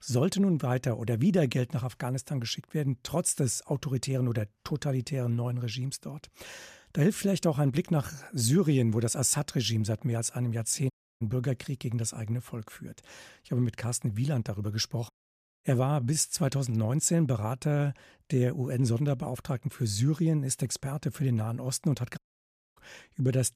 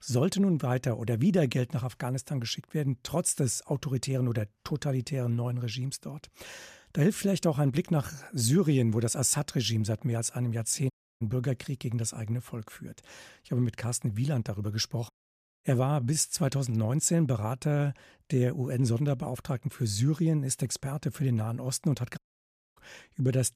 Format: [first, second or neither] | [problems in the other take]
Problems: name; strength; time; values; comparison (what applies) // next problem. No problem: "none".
neither | audio cutting out; at 11 s, at 15 s for 0.5 s and at 22 s for 0.5 s; the same in both